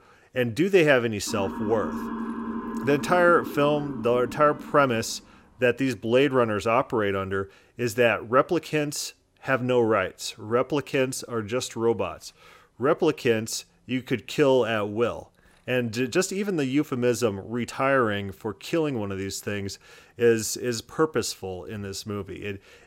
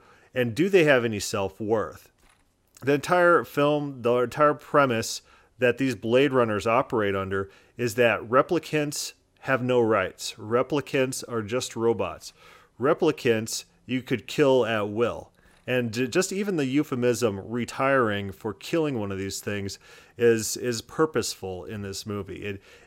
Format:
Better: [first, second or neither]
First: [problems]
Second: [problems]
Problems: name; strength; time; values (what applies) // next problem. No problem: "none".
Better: second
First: siren; noticeable; from 1.5 to 5 s; peak 7 dB below the speech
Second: none